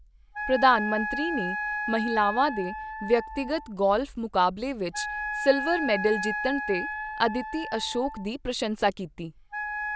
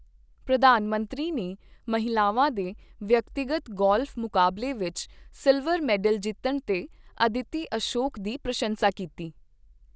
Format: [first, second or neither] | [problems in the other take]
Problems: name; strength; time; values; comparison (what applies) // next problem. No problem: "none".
second | background sound (Wind instrument, woodwind instrument); 6 dB below the speech